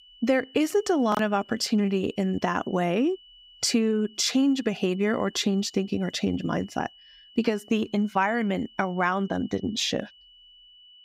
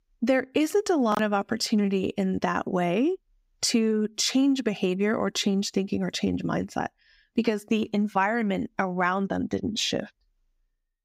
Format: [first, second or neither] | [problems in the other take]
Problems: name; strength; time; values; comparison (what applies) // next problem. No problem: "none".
second | high-pitched whine; faint; throughout; 3 kHz, 25 dB below the speech